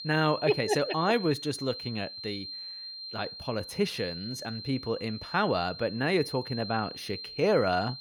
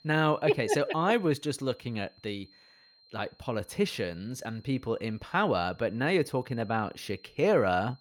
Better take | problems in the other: second | high-pitched whine; loud; throughout; 4 kHz, 9 dB below the speech; faint in the second

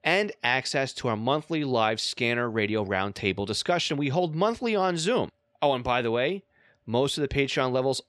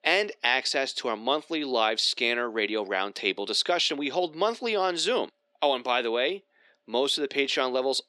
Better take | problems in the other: first | thin; very slightly; fading below 250 Hz

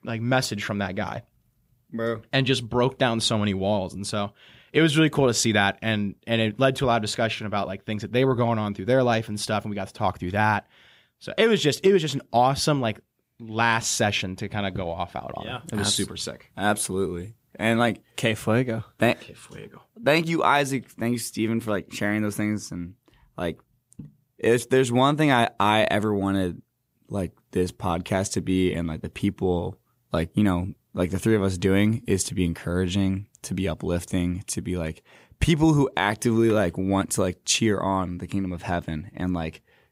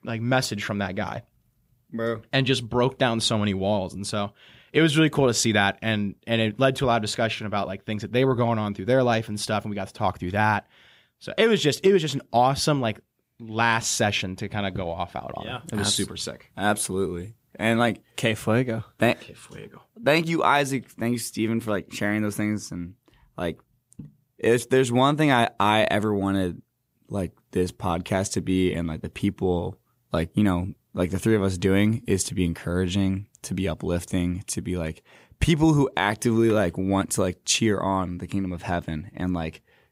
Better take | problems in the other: neither | none

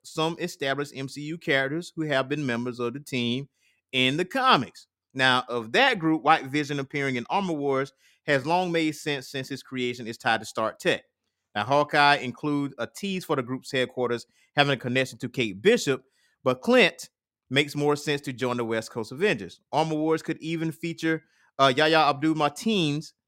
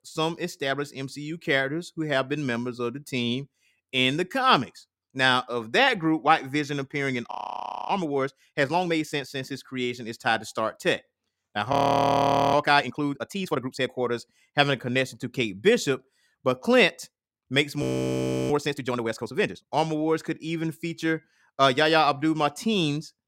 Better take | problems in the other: first | audio freezing; at 7.5 s for 0.5 s, at 12 s for 1 s and at 18 s for 0.5 s

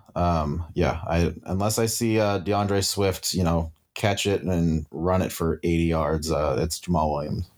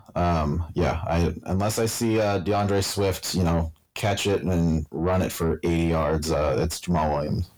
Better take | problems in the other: first | distortion; slight; 10 dB below the speech

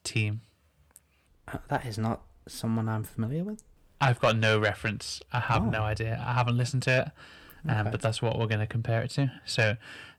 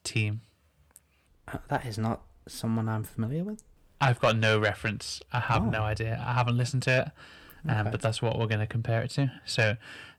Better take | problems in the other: neither | distortion; slight; 10 dB below the speech; the same in both

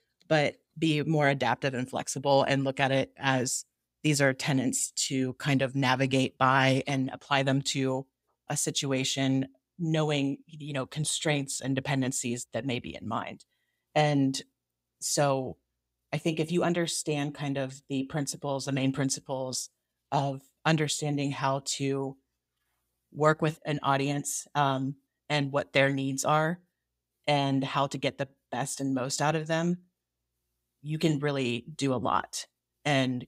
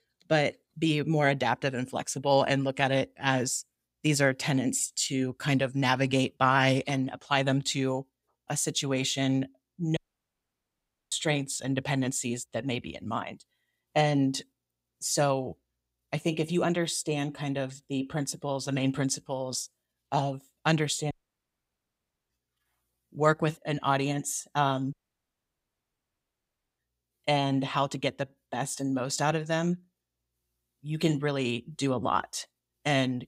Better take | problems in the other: first | audio cutting out; at 10 s for 1 s, at 21 s for 1 s and at 25 s for 2 s

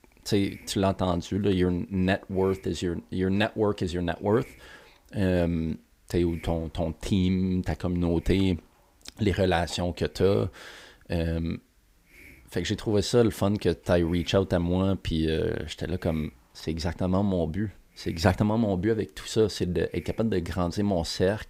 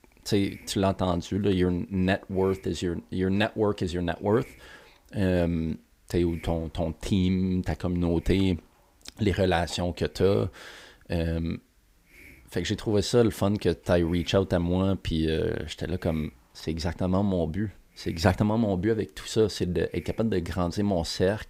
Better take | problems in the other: neither | hiss; faint; throughout; 30 dB below the speech; the same in both

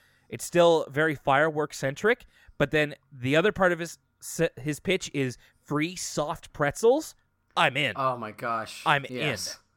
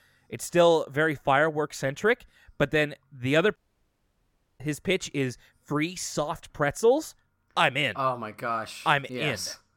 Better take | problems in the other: first | audio cutting out; at 3.5 s for 1 s

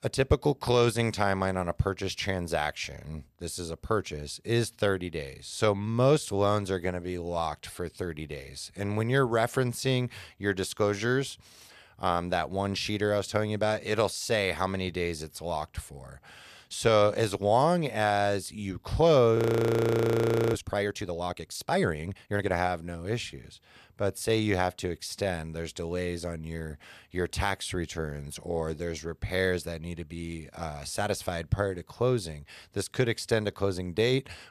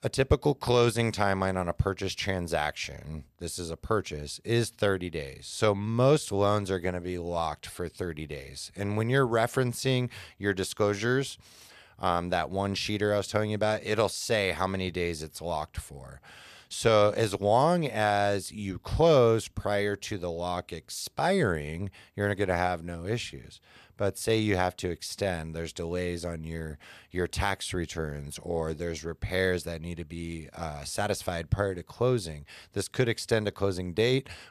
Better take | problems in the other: second | audio freezing; at 19 s for 1 s

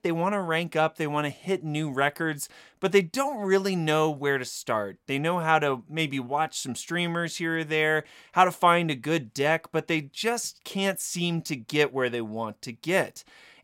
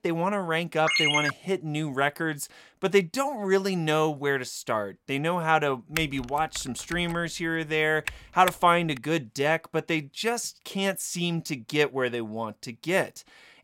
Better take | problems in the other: first | phone ringing; loud; at 1 s; peak 5 dB above the speech // keyboard typing; noticeable; from 6 to 9 s; peak 7 dB below the speech

